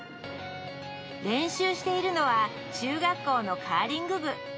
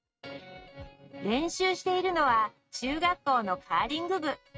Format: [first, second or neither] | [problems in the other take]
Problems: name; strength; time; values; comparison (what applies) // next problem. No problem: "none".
first | noise reduction (neural mask model RNNoise)